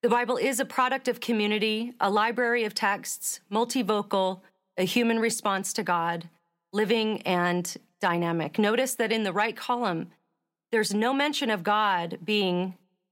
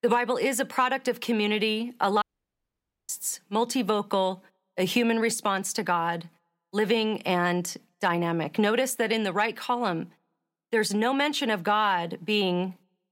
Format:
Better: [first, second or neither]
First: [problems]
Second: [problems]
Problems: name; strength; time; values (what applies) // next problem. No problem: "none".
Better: first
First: none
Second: audio cutting out; at 2 s for 1 s